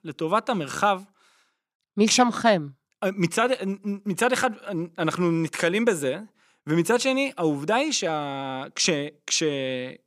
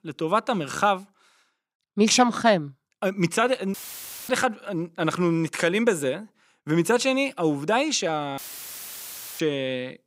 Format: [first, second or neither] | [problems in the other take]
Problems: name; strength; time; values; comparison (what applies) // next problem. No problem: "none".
first | audio cutting out; filled with static; at 3.5 s for 0.5 s and at 8.5 s for 1 s